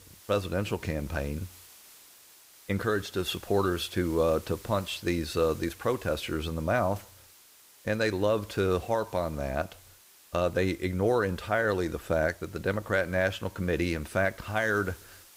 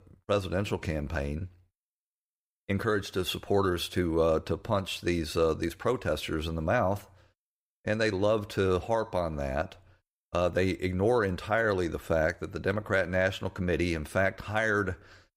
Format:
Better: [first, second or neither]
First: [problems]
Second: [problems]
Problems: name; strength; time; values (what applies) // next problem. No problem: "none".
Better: second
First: hiss; faint; throughout; 20 dB below the speech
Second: none